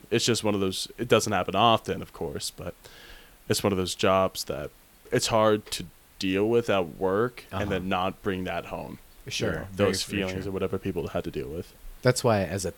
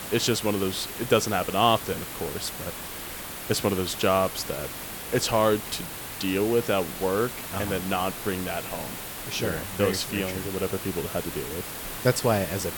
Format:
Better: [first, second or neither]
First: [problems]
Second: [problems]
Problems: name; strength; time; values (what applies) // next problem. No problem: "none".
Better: first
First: hiss; faint; throughout; 30 dB below the speech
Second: hiss; loud; throughout; 7 dB below the speech